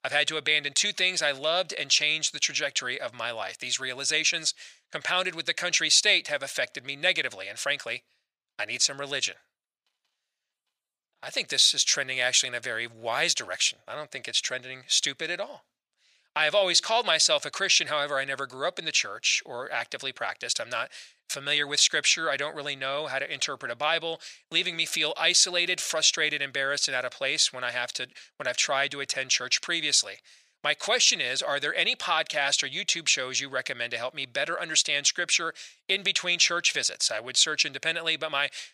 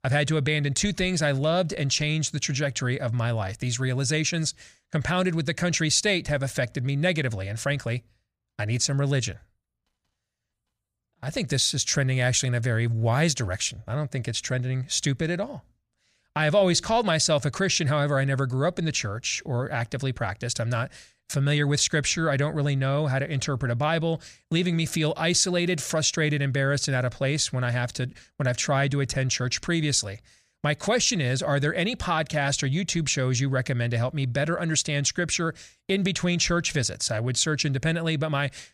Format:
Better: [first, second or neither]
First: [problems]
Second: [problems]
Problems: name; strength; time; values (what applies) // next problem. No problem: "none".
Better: second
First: thin; very; fading below 600 Hz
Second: none